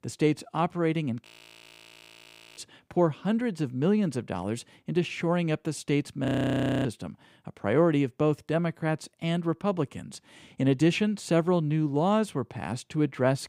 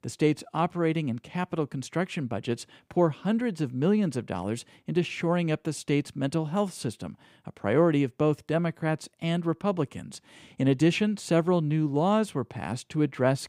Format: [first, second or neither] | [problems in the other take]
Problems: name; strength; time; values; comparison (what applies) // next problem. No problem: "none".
second | audio freezing; at 1.5 s for 1.5 s and at 6.5 s for 0.5 s